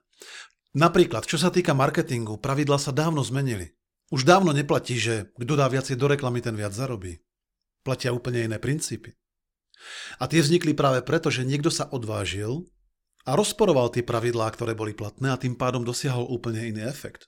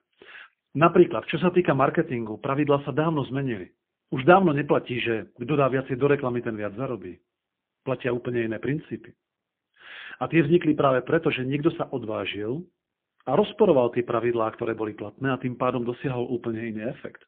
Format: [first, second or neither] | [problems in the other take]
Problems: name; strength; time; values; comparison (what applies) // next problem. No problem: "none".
first | phone-call audio; poor line